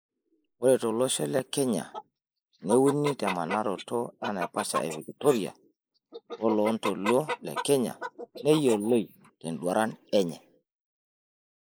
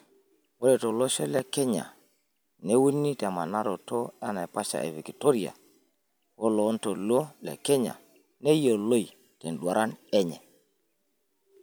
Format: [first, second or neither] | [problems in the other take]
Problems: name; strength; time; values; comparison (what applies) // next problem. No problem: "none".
second | noise reduction (neural mask model Resemble Enhance denoiser)